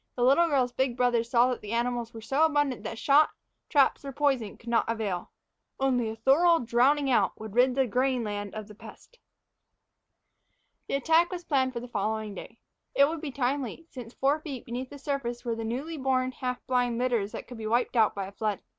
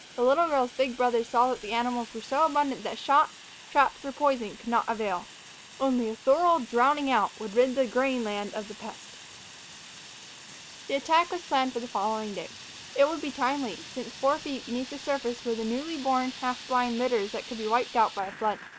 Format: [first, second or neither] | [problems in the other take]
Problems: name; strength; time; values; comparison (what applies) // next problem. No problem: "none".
first | background sound (Fire); 17 dB below the speech